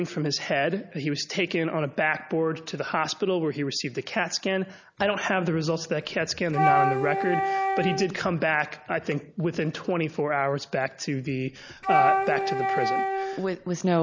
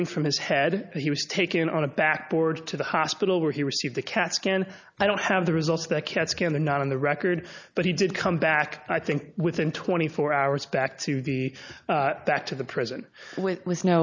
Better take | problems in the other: second | background sound (Wind instrument, woodwind instrument); 1 dB above the speech

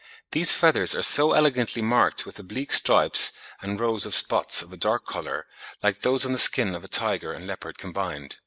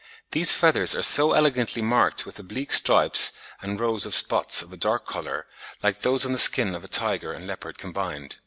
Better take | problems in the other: second | noise reduction (neural mask model Resemble Enhance denoiser)

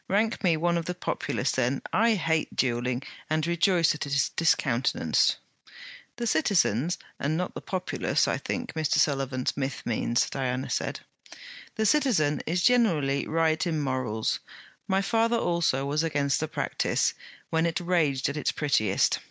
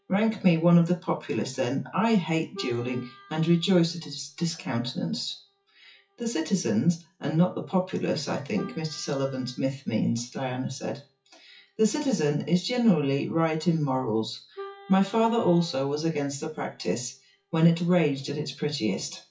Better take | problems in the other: first | noise reduction (classical method WPE with log-MMSE)

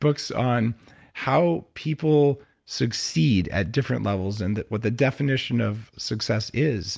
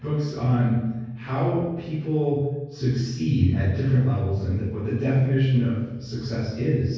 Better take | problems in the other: first | room echo; dies away in 1.3 s

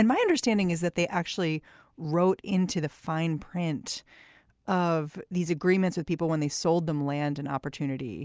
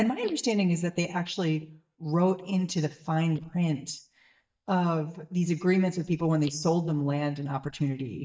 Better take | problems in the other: first | noise reduction (neural mask model DeepFilterNet 3)

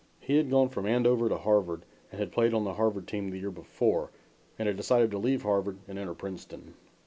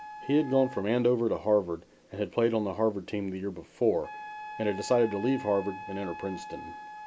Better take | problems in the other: first | background sound (Wind instrument, woodwind instrument); 15 dB below the speech

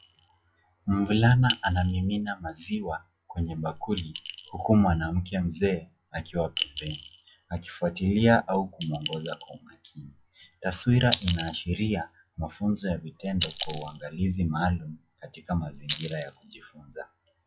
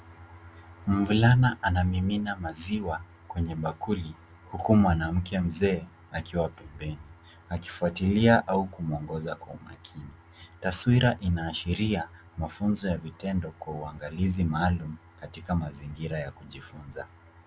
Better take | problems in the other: second | noise reduction (classical method log-MMSE)

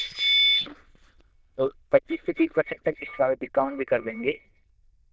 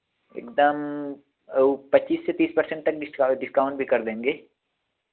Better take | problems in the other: second | noise reduction (neural diffusion model UNIVERSE++)

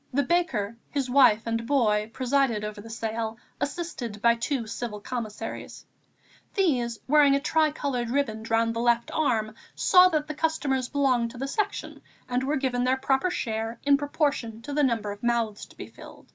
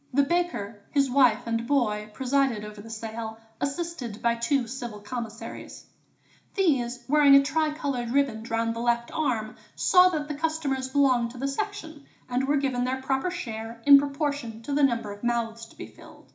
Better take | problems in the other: first | room echo; dies away in 0.4 s

